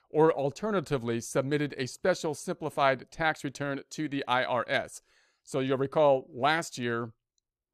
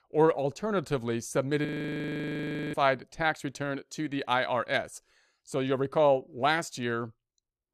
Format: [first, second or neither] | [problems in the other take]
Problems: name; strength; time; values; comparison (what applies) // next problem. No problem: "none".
first | audio freezing; at 1.5 s for 1 s